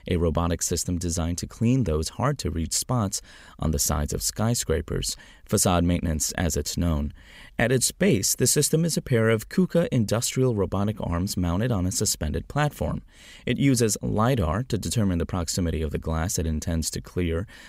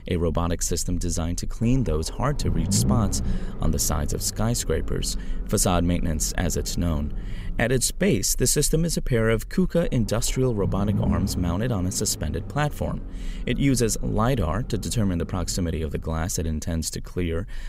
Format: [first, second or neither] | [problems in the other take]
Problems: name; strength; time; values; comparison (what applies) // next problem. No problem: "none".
first | low rumble; noticeable; throughout; 15 dB below the speech